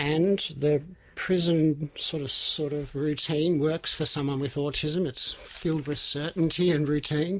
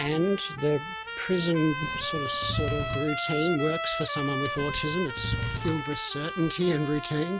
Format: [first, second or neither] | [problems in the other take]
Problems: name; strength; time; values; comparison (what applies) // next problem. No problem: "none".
first | background sound (Trumpet + Wood / Tools); 4 dB below the speech